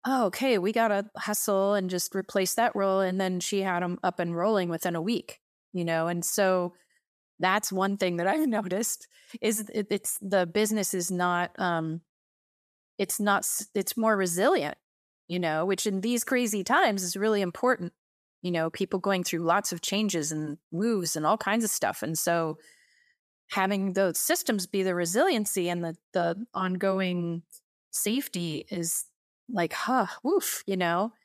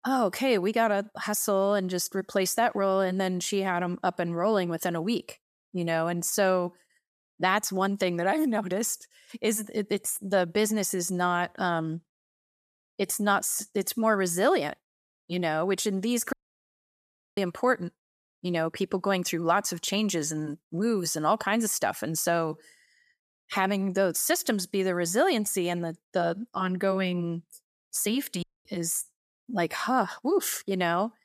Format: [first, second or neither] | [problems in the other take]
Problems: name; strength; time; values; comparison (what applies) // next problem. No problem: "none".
first | audio cutting out; at 16 s for 1 s and at 28 s